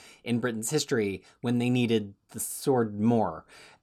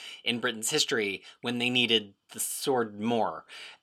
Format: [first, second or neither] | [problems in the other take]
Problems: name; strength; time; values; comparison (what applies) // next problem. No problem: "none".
first | thin; very slightly; fading below 450 Hz